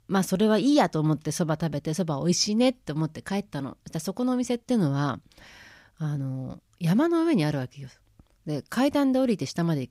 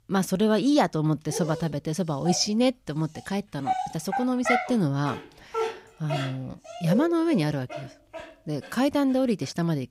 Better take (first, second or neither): first